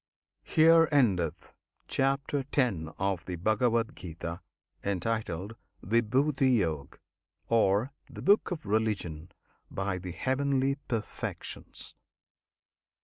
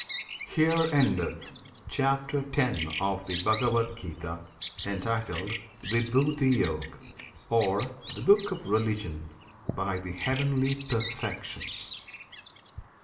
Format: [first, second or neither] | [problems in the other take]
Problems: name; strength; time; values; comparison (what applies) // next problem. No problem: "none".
first | background sound (Bird vocalization, bird call, bird song); 12 dB below the speech // room echo; dies away in 1.3 s